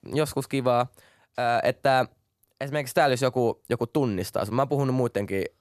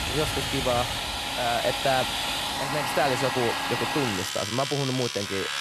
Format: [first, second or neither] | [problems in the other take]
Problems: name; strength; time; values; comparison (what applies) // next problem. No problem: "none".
first | household noises; very loud; throughout; 1 dB above the speech